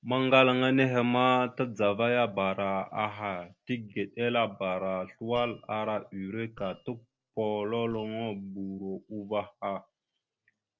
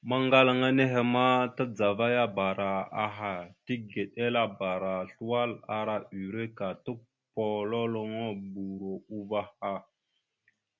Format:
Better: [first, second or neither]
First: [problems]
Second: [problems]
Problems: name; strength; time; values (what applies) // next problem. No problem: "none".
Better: second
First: noise reduction (neural separator model SepFormer DNS4)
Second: none